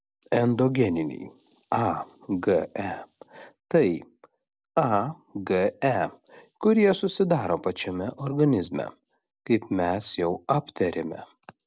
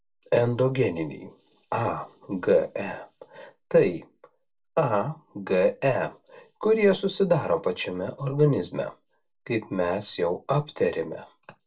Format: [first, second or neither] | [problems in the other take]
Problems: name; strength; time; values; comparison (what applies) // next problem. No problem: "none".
first | room echo; dies away in 0.2 s